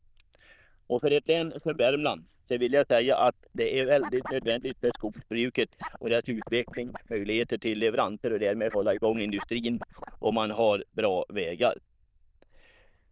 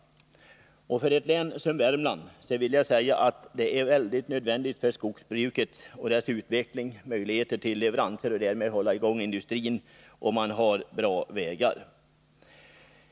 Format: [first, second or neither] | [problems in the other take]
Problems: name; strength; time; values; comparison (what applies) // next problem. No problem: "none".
second | noise reduction (neural diffusion model UNIVERSE++)